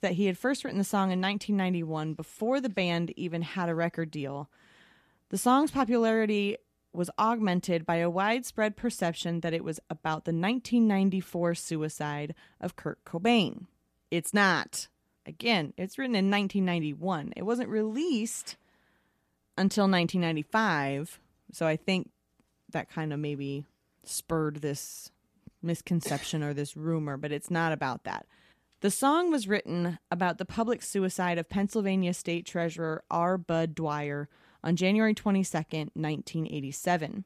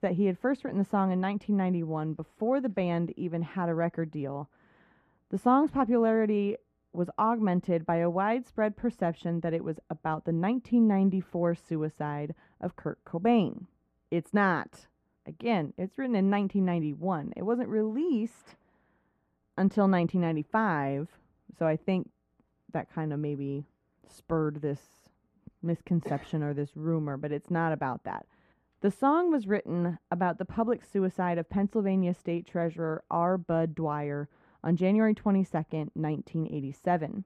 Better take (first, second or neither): first